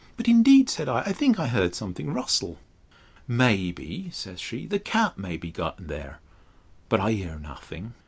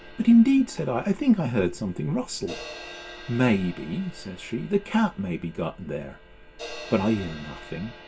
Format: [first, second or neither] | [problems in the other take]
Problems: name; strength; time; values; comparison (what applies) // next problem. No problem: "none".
first | background sound (Crash cymbal); 19 dB below the speech // room echo; dies away in 0.2 s